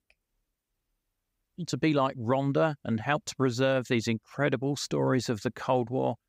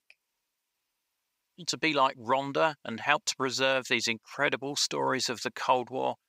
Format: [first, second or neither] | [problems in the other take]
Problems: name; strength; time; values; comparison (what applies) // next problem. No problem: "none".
first | thin; somewhat; fading below 950 Hz